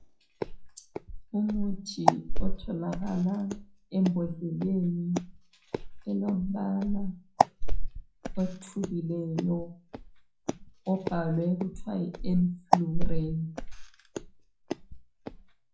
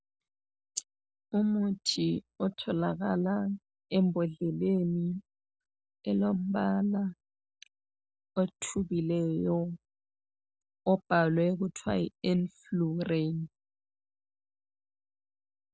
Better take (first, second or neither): second